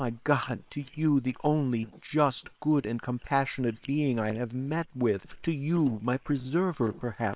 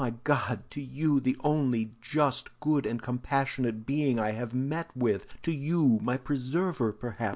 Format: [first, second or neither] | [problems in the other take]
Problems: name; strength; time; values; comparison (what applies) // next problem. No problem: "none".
second | noise reduction (neural separator model SepFormer WHAM!)